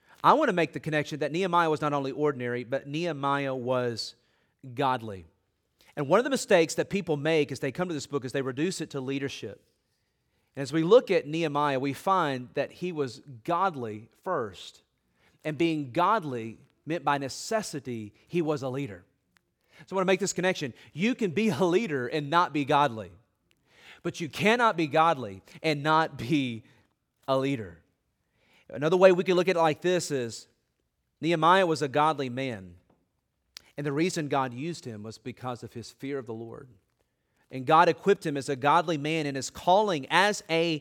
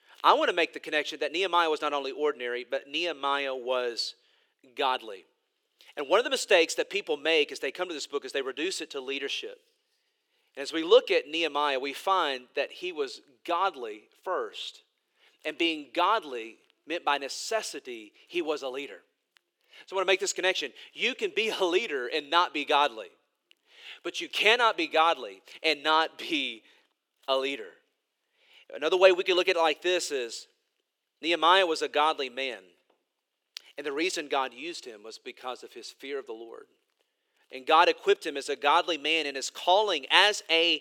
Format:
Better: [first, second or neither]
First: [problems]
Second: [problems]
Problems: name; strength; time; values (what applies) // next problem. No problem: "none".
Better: first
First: none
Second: thin; somewhat; fading below 350 Hz